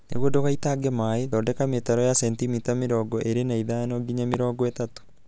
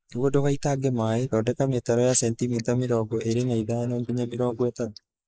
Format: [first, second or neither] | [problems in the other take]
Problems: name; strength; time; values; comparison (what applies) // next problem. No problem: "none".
first | noise reduction (neural mask model Resemble Enhance denoiser)